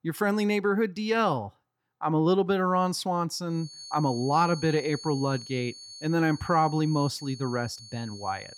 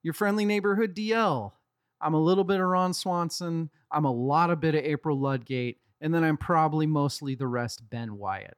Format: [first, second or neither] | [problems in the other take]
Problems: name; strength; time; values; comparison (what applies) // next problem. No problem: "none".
second | high-pitched whine; noticeable; from 3.5 s on; 4.5 kHz, 15 dB below the speech